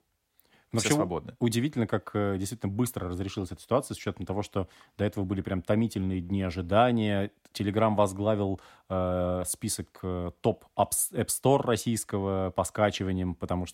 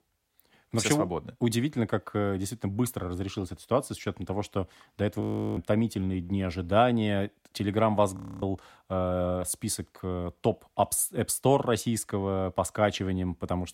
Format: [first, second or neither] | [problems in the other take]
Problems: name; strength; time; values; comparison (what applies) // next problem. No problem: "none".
first | audio freezing; at 5 s and at 8 s